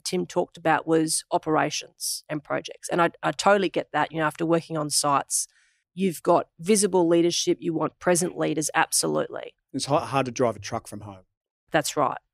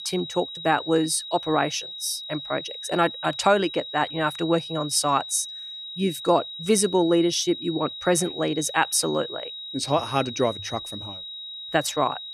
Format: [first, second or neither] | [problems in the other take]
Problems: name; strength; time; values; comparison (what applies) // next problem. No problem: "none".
first | high-pitched whine; loud; throughout; 4 kHz, 10 dB below the speech